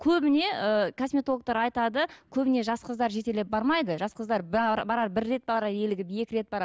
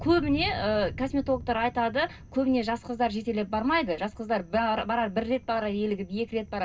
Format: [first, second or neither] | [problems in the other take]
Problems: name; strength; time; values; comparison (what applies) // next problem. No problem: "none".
first | background sound (Thunder); 15 dB below the speech // room echo; dies away in 0.2 s